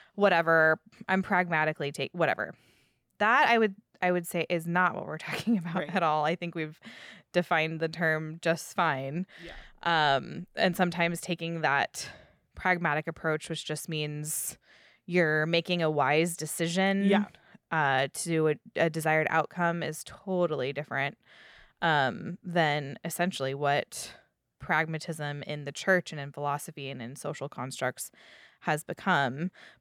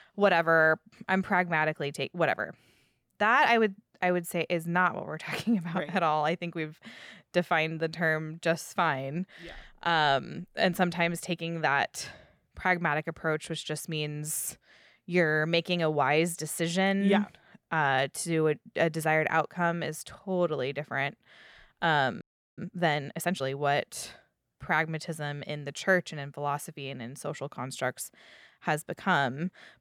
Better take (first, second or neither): first